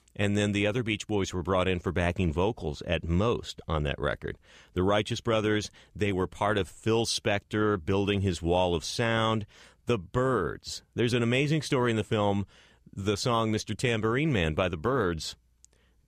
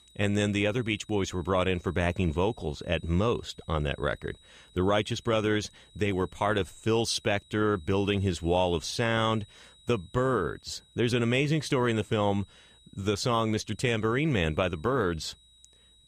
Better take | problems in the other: first | high-pitched whine; faint; throughout; 4 kHz, 30 dB below the speech

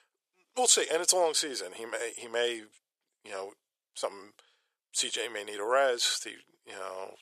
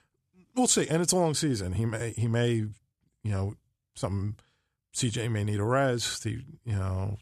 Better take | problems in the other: second | thin; very; fading below 450 Hz

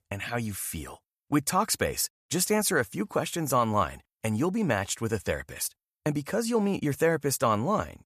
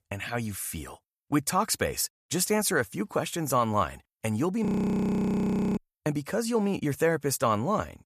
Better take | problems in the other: first | audio freezing; at 4.5 s for 1 s

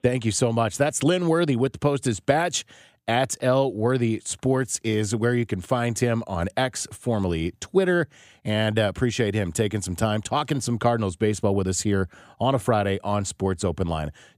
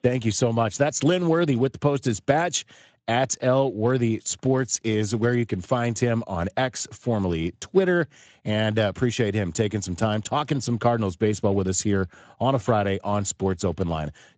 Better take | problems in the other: first | garbled, watery; slightly; nothing above 7.5 kHz

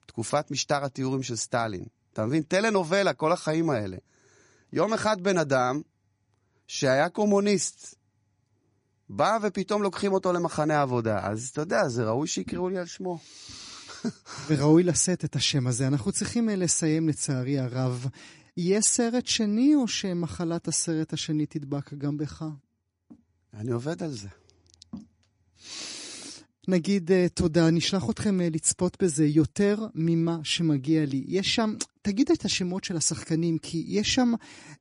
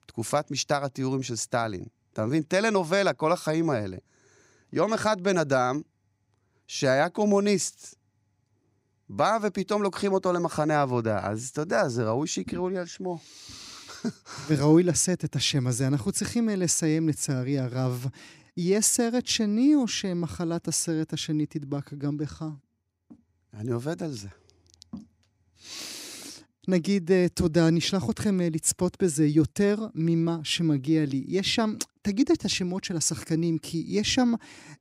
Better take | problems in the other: second | garbled, watery; slightly; nothing above 10.5 kHz

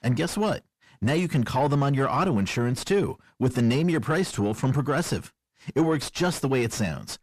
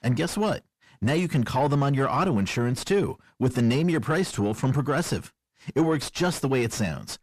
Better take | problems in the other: neither | distortion; slight; 10 dB below the speech; the same in both

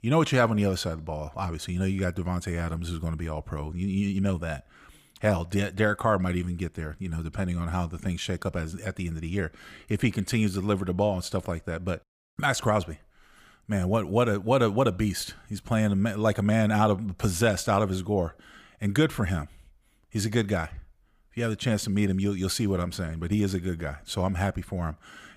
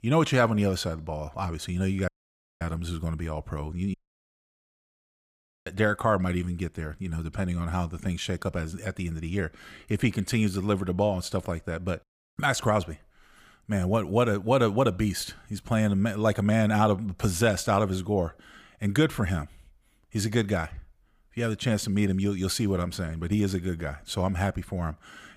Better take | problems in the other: first | audio cutting out; at 2 s for 0.5 s and at 4 s for 1.5 s

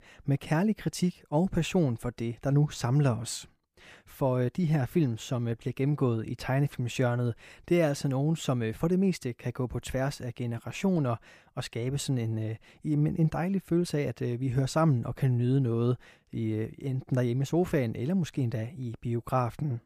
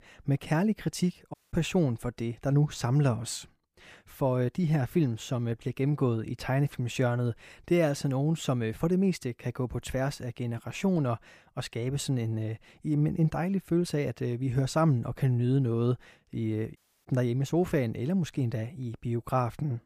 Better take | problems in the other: first | audio cutting out; at 1.5 s and at 17 s

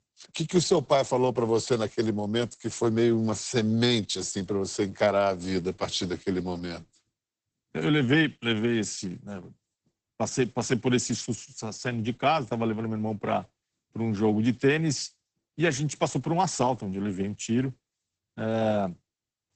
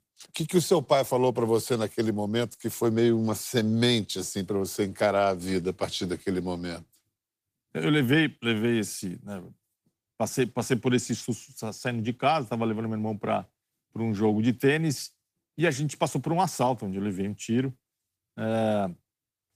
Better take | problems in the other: second | garbled, watery; badly; nothing above 8 kHz; slightly in the second

